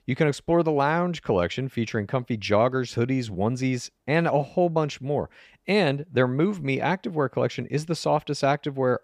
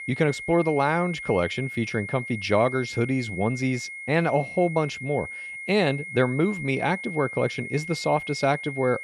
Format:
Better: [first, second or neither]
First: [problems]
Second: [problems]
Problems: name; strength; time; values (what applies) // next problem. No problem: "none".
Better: first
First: none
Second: high-pitched whine; loud; throughout; 2 kHz, 9 dB below the speech